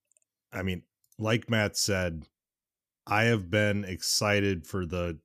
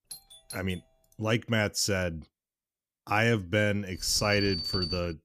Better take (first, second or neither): first